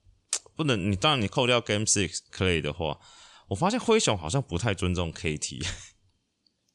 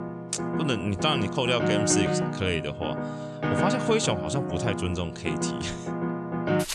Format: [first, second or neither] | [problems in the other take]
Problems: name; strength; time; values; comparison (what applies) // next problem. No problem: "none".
first | background music; loud; throughout; 1 dB below the speech